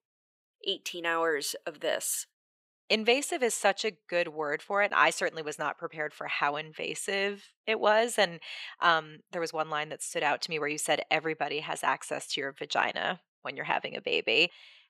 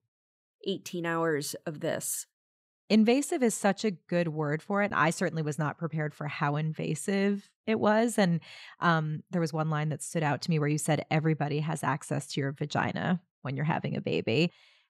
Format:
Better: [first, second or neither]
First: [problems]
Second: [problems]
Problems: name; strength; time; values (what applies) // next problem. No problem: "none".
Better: second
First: thin; very; fading below 550 Hz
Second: none